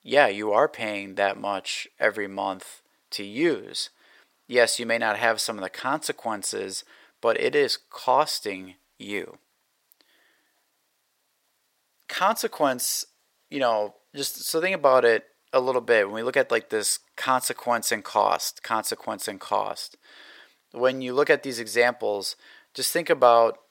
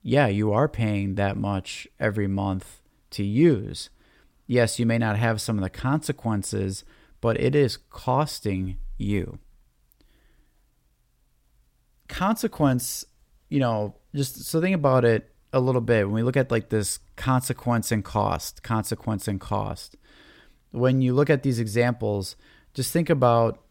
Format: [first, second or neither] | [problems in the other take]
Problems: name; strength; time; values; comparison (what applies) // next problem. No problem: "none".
second | thin; very; fading below 600 Hz